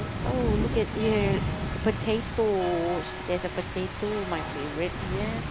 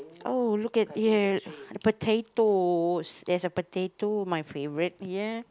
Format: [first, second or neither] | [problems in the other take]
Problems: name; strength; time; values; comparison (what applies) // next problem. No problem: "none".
second | background sound (Rain); 2 dB below the speech